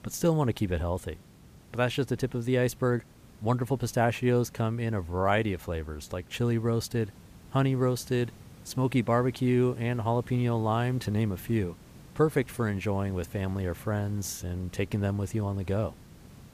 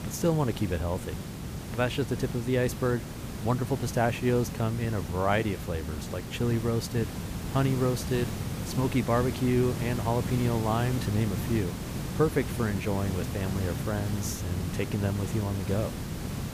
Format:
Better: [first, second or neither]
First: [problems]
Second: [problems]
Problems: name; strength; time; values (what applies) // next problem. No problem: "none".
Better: first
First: hiss; faint; throughout; 20 dB below the speech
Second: hiss; loud; throughout; 6 dB below the speech